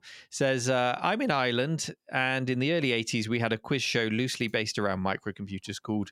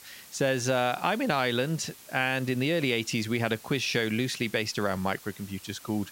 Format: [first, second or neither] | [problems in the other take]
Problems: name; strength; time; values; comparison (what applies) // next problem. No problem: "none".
first | hiss; noticeable; throughout; 20 dB below the speech